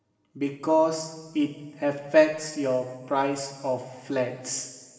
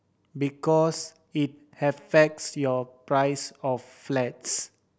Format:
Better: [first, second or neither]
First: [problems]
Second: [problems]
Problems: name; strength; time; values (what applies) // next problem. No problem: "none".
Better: second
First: room echo; dies away in 2.3 s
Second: none